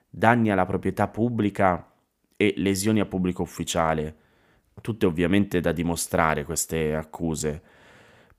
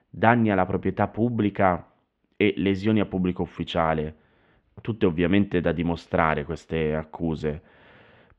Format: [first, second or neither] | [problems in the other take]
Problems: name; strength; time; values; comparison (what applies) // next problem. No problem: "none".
first | muffled; very; fading above 3 kHz